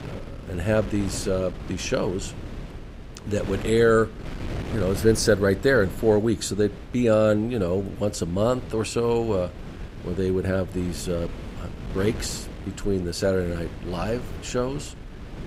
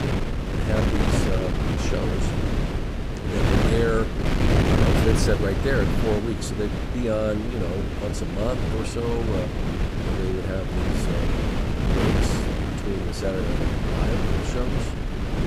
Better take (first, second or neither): first